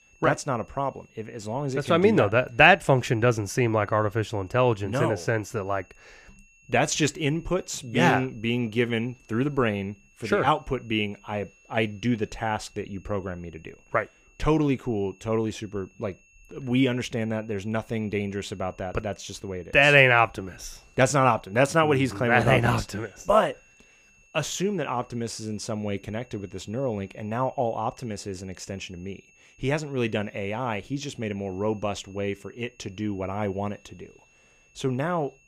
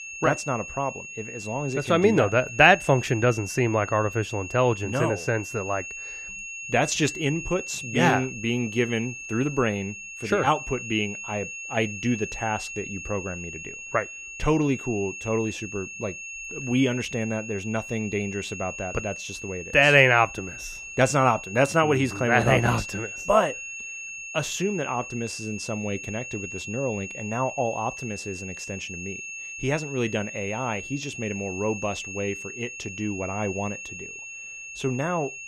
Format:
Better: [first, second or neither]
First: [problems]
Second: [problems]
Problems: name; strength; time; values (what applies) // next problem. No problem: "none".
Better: first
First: high-pitched whine; faint; throughout; 2.5 kHz, 30 dB below the speech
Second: high-pitched whine; loud; throughout; 2.5 kHz, 10 dB below the speech